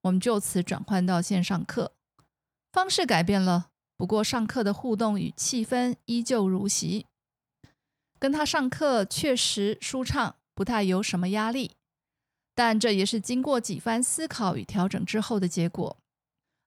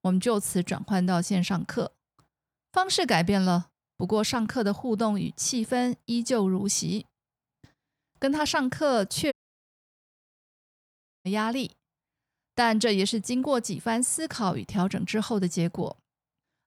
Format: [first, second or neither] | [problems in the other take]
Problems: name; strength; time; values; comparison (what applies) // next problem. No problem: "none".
first | audio cutting out; at 9.5 s for 2 s